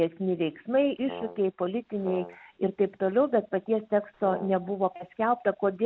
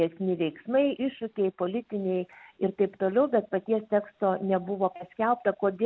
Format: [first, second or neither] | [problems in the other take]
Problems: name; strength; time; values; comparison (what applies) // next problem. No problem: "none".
second | background sound (Brass instrument); 13 dB below the speech